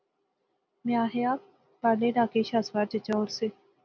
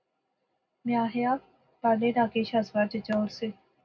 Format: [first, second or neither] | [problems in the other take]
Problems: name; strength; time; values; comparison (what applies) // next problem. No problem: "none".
first | room echo; dies away in 0.3 s